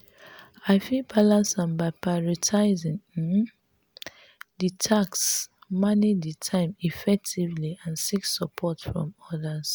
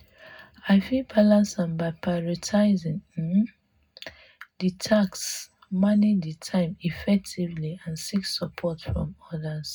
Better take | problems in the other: first | room echo; dies away in 0.3 s

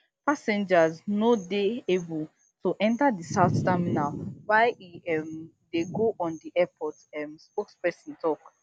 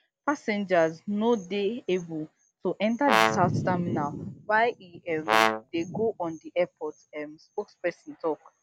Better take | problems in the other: first | background sound (Brass instrument); 3 dB above the speech

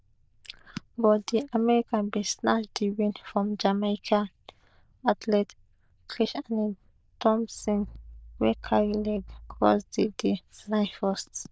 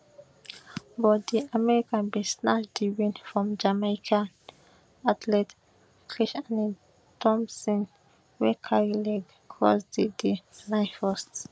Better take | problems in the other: second | noise reduction (neural diffusion model UNIVERSE++)

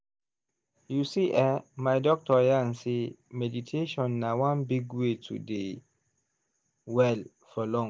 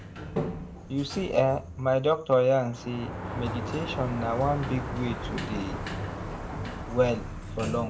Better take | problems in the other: first | background sound (Sliding door); 6 dB below the speech // room echo; dies away in 0.2 s

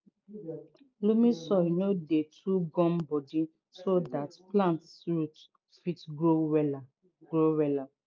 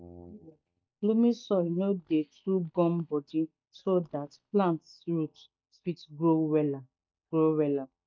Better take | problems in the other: first | noise reduction (neural mask model DeepFilterNet 3)

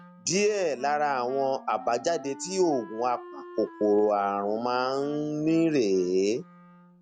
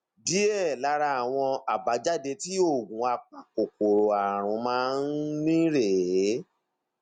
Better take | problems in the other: second | background sound (Wind instrument, woodwind instrument); 19 dB below the speech

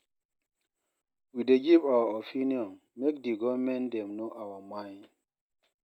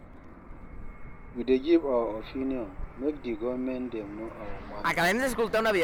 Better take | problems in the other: first | background sound (Fixed-wing aircraft, airplane); 1 dB below the speech

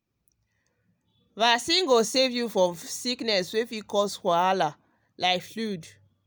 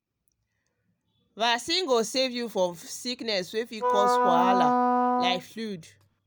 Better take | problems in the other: first | background sound (Wind instrument, woodwind instrument); 5 dB above the speech

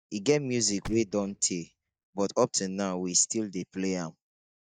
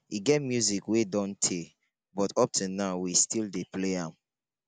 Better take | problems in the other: second | noise reduction (neural mask model DeepFilterNet 3)

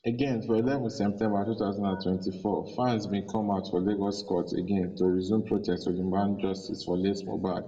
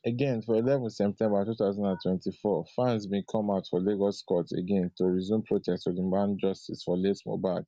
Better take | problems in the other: second | room echo; dies away in 1.2 s

